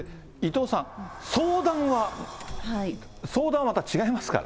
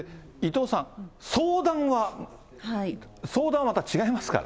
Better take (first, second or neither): second